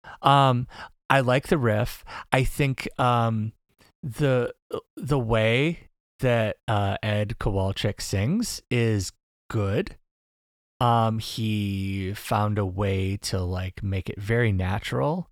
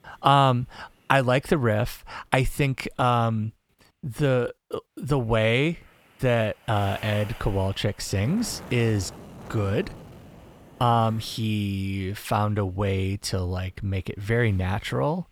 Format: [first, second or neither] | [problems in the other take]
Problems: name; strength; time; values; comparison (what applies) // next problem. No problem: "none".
first | wind noise on the microphone; occasional gusts; 20 dB below the speech